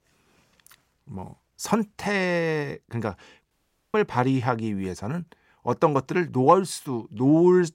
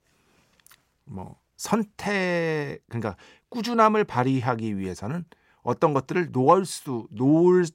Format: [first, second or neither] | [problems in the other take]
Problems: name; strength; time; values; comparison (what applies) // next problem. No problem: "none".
second | audio cutting out; at 3.5 s